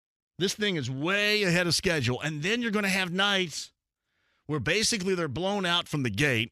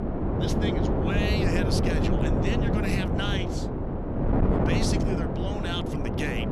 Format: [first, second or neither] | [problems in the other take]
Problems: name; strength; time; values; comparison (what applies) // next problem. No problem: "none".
first | wind noise on the microphone; heavy; 2 dB above the speech